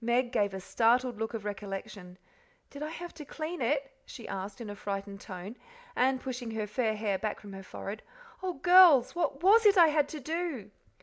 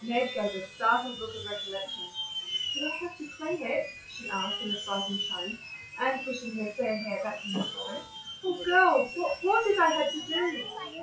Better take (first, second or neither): first